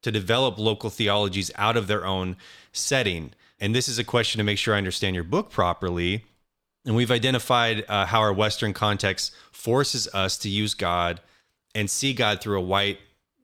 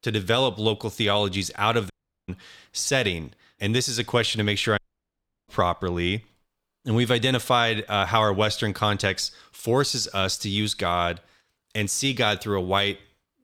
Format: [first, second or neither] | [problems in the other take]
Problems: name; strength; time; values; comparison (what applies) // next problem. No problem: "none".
first | audio cutting out; at 2 s and at 5 s for 0.5 s